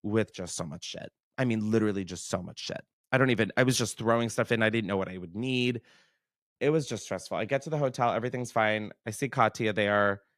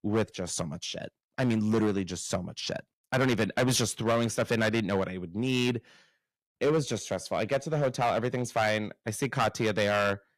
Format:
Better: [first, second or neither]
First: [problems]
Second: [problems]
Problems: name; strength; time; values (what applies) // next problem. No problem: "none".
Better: first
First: none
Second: distortion; heavy; 6% of the sound clipped